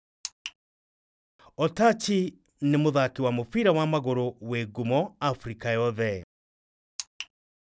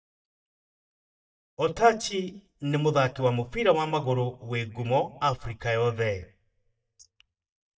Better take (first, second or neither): first